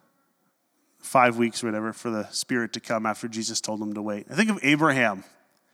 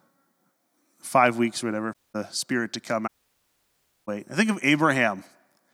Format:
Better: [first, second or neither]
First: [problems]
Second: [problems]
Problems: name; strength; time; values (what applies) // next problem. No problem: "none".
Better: first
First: none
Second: audio cutting out; at 2 s and at 3 s for 1 s